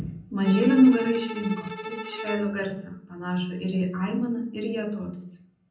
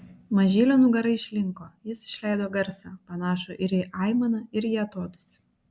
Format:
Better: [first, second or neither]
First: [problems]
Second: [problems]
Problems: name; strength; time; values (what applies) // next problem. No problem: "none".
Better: second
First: background sound (Bowed string instrument); 12 dB below the speech // room echo; dies away in 0.6 s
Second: none